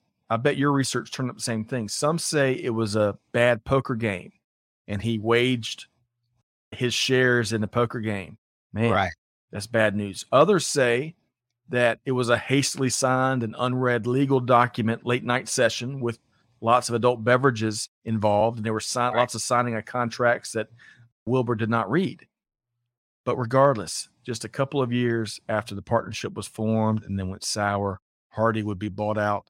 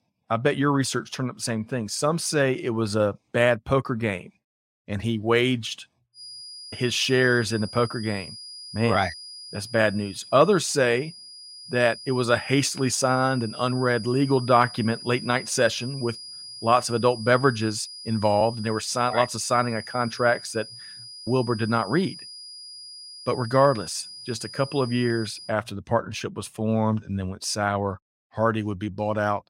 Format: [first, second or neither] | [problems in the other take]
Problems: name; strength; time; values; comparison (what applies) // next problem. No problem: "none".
first | high-pitched whine; noticeable; from 6 to 25 s; 5 kHz, 15 dB below the speech